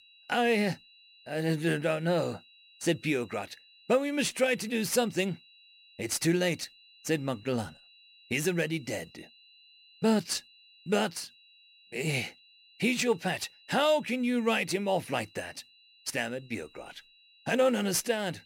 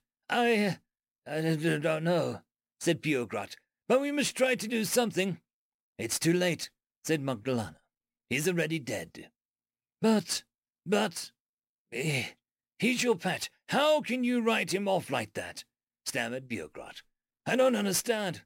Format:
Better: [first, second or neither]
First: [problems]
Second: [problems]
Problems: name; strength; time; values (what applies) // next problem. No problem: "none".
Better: second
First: high-pitched whine; faint; throughout; 4 kHz, 25 dB below the speech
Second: none